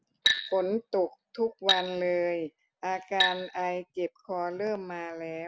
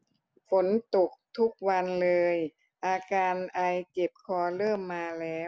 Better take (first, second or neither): second